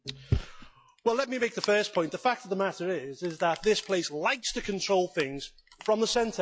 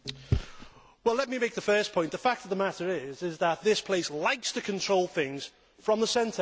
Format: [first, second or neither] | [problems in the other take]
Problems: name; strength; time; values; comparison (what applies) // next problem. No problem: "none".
second | noise reduction (classical method log-MMSE)